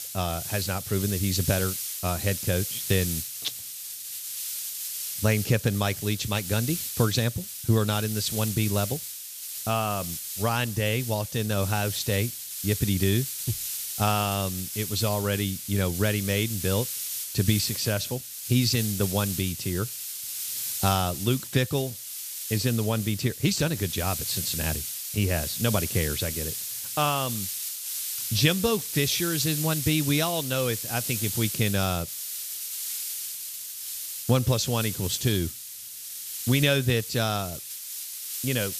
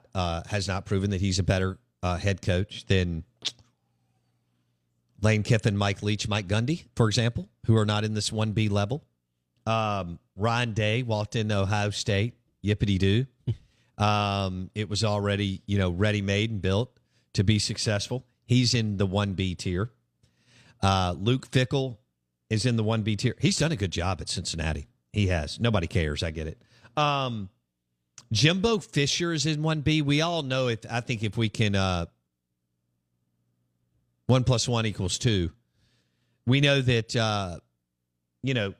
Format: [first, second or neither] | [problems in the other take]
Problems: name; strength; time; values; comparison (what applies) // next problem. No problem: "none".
second | hiss; loud; throughout; 4 dB below the speech